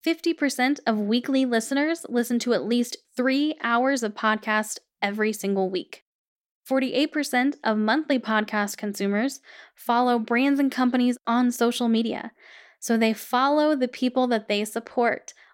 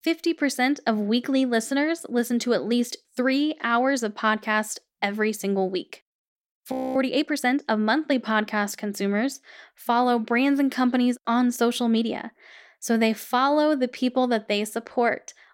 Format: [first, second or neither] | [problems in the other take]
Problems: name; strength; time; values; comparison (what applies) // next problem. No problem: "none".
first | audio freezing; at 6.5 s